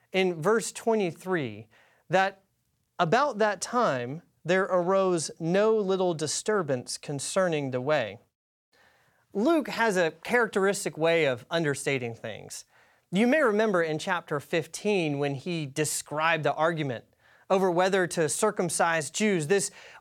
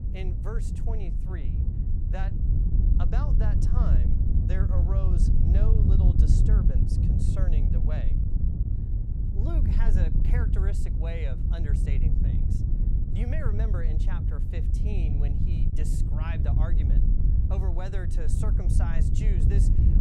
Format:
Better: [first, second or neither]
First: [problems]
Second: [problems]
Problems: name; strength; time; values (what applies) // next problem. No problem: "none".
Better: first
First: none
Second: wind noise on the microphone; heavy; 1 dB above the speech